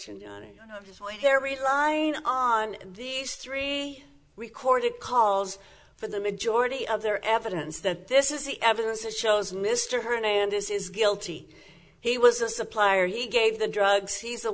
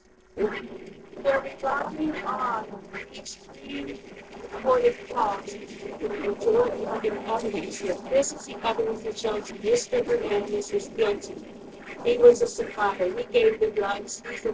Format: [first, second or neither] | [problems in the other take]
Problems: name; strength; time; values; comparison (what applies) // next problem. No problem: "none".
first | noise reduction (neural separator model SepFormer DNS4)